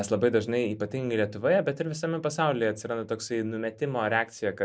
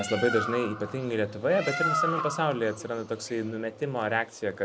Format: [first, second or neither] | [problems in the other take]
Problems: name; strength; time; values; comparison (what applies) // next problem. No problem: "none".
first | background sound (Bird); 5 dB below the speech